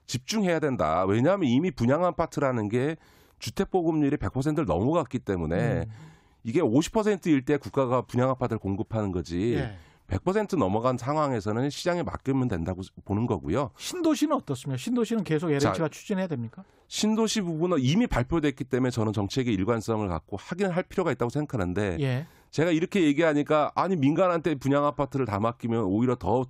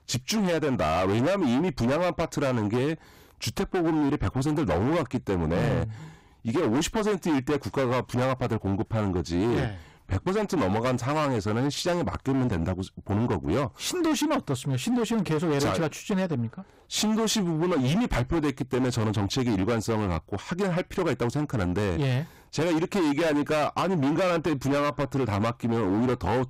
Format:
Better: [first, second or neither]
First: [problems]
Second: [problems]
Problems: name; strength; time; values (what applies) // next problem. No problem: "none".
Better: first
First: none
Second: distortion; heavy; 24% of the sound clipped